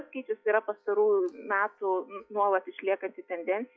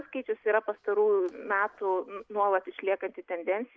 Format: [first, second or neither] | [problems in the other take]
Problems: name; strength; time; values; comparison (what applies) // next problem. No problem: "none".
second | noise reduction (classical method log-MMSE)